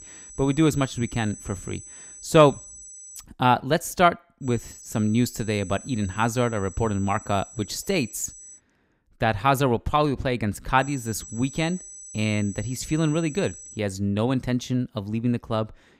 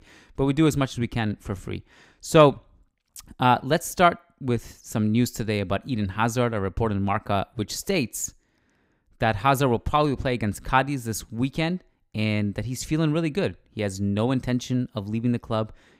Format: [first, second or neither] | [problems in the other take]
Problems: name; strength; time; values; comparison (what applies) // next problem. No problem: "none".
second | high-pitched whine; noticeable; until 3 s, from 4.5 to 8.5 s and from 11 to 14 s; 8 kHz, 15 dB below the speech